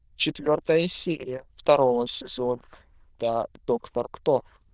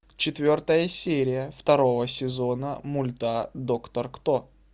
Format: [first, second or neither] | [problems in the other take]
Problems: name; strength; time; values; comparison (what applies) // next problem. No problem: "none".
second | noise reduction (neural diffusion model UNIVERSE++)